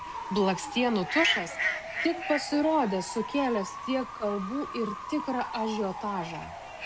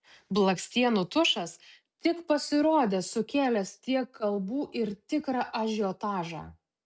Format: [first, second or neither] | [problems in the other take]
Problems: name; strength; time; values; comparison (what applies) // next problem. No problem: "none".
second | background sound (Bird / Fowl); 6 dB below the speech